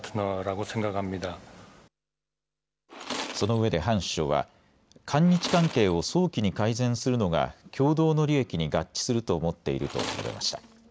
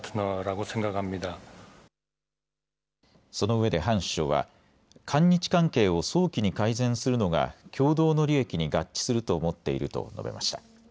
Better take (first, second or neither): second